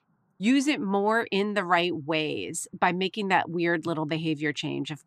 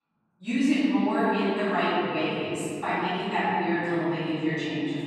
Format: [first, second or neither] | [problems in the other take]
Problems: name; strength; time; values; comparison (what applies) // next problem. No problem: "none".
first | off-mic speech; far // room echo; strong; dies away in 2.8 s